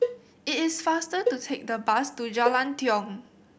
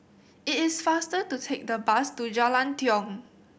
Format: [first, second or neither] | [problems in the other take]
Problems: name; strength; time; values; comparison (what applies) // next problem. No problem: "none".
second | background sound (Cowbell); 5 dB below the speech